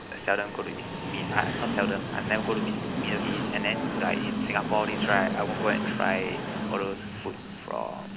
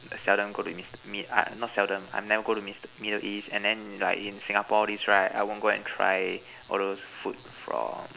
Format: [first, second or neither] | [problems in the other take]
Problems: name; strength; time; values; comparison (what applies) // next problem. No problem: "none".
second | background sound (Train); 1 dB below the speech